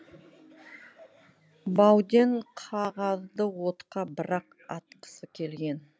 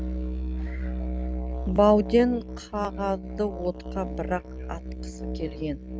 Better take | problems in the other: first | noise reduction (neural mask model RNNoise)

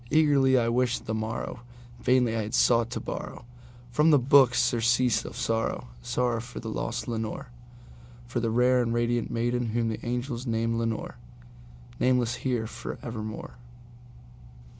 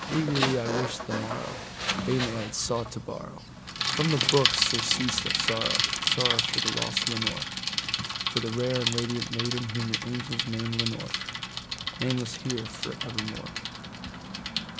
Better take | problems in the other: first | background sound (Bicycle); 1 dB above the speech

